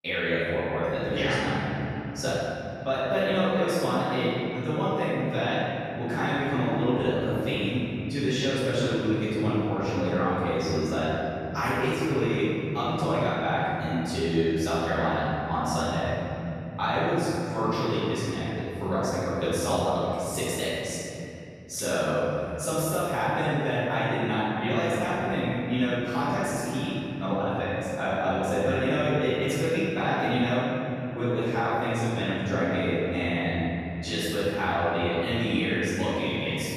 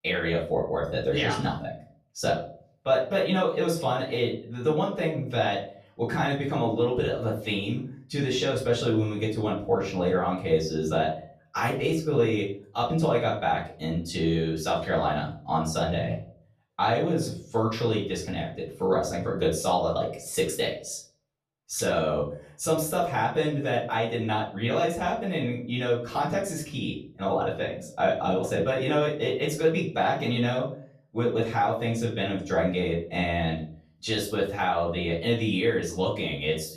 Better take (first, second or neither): second